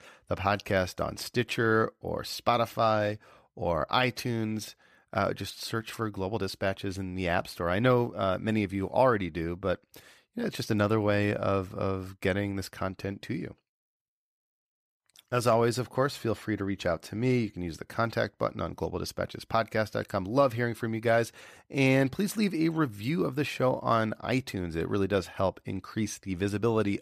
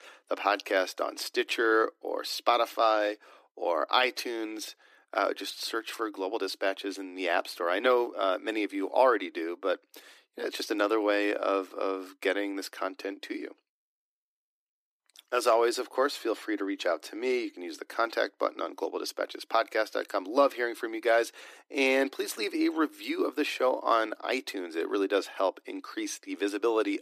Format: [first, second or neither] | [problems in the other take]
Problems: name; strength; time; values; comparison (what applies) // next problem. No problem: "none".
first | thin; somewhat; fading below 300 Hz